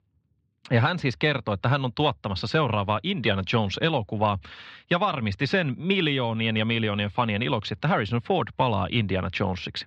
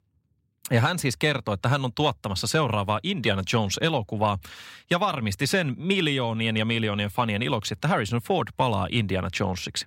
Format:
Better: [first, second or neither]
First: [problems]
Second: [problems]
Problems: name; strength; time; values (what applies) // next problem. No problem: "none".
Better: second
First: muffled; very slightly; fading above 4 kHz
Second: none